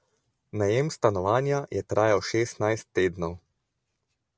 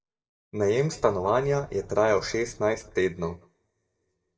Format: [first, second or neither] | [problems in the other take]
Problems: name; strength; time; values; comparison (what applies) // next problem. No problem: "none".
first | noise reduction (neural mask model DeepFilterNet 3)